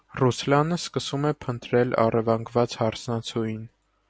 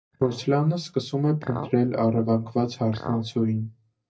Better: first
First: none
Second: noise reduction (neural mask model DeepFilterNet 3)

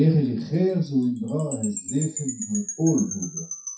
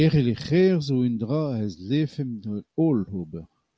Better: second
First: noise reduction (classical method WPE with log-MMSE)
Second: none

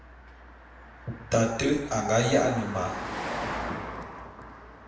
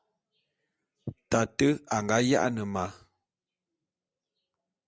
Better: second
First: background sound (Car passing by); 8 dB below the speech // room echo; dies away in 1 s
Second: none

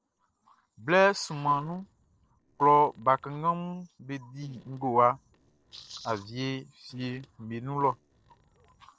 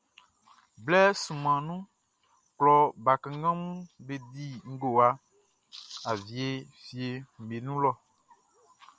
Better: second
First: noise reduction (neural separator model SepFormer DNS4)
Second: none

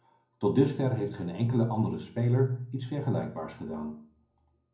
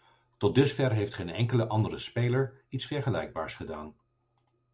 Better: second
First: room echo; dies away in 0.6 s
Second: none

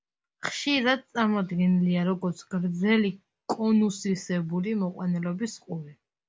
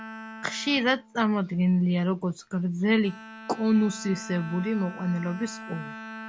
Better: first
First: none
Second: background sound (Bowed string instrument); 16 dB below the speech

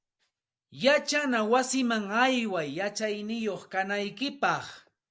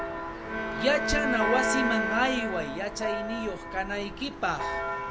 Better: first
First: none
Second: background sound (Church bell + Bowed string instrument); as loud as the speech

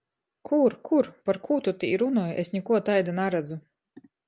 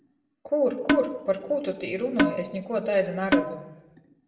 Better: first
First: none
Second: background sound (Percussion); 1 dB above the speech // room echo; dies away in 0.9 s

